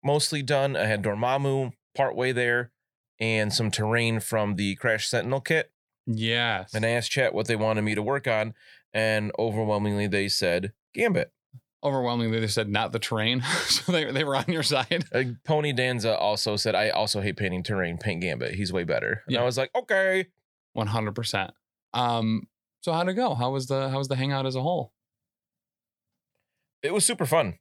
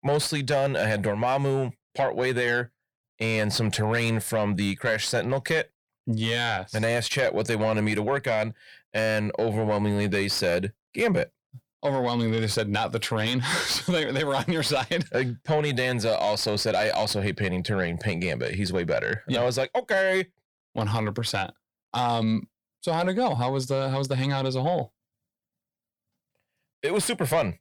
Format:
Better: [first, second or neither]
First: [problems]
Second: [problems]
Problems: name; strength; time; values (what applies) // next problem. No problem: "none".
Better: first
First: none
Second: distortion; slight; 10 dB below the speech